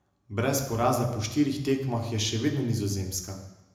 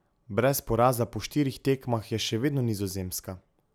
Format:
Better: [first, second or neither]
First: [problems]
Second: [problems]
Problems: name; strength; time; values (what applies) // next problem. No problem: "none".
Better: second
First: room echo; dies away in 0.9 s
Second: none